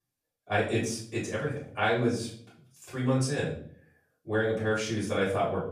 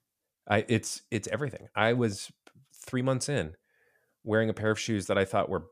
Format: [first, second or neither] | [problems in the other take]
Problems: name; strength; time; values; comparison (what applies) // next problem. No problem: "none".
second | off-mic speech; far // room echo; noticeable; dies away in 0.5 s